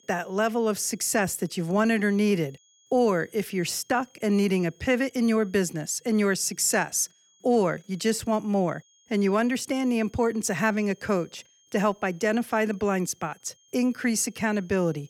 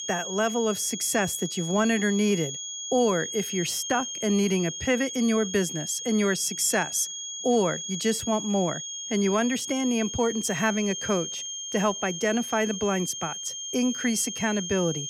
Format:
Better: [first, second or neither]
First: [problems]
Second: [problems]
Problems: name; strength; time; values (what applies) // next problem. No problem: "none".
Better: first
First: high-pitched whine; faint; throughout; 6.5 kHz, 35 dB below the speech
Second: high-pitched whine; loud; throughout; 6.5 kHz, 6 dB below the speech